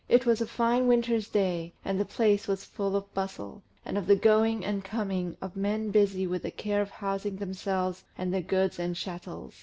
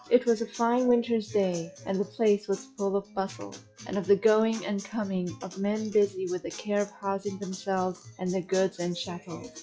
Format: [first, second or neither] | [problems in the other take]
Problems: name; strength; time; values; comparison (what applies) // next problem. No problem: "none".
first | noise reduction (classical method log-MMSE)